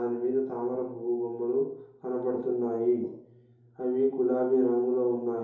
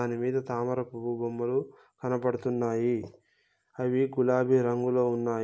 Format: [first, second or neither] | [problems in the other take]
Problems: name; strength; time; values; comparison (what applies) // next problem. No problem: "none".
second | room echo; dies away in 2.8 s